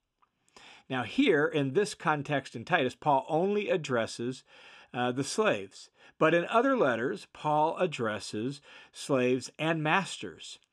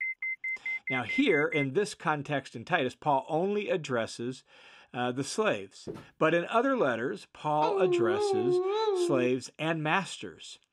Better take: first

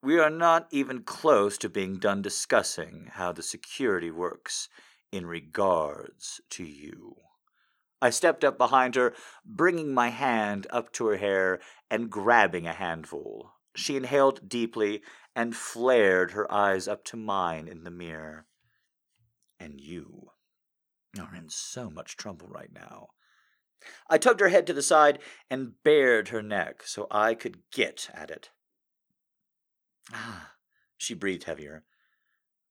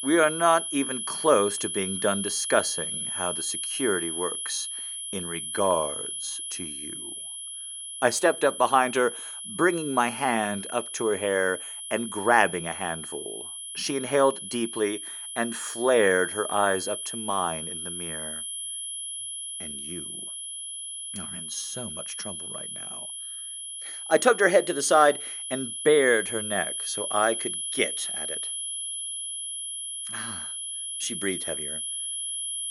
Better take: first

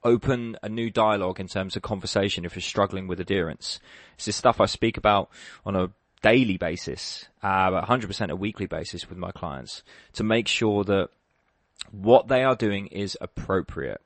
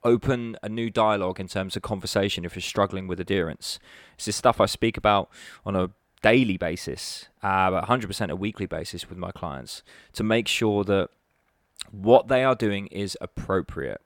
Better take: second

